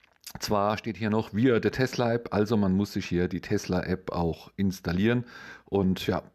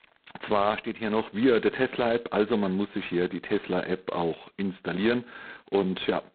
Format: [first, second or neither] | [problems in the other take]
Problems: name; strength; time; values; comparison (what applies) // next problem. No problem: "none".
first | phone-call audio; poor line; nothing above 4 kHz